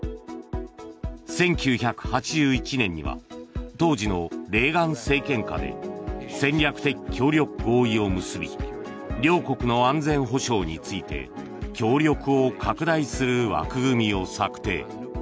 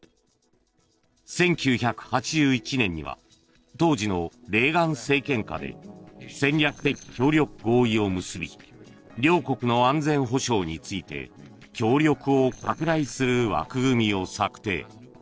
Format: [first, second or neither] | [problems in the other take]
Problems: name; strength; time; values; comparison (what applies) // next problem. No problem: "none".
first | noise reduction (neural separator model SepFormer DNS4)